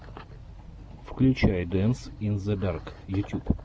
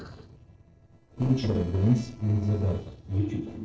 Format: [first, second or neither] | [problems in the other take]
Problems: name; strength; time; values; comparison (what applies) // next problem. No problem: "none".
first | noise reduction (neural separator model SepFormer DNS4)